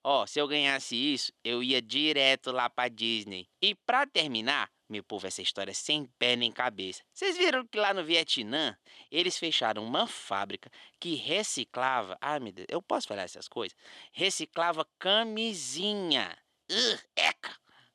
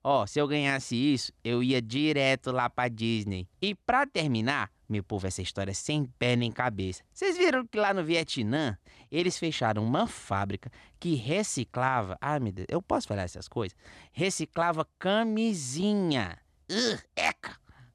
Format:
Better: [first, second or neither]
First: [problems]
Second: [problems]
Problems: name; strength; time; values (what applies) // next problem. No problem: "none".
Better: second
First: thin; very slightly; fading below 350 Hz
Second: none